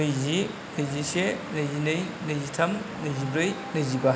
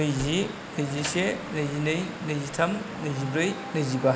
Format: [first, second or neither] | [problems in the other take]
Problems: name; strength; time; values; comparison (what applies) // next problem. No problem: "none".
first | background sound (Sliding door); 18 dB below the speech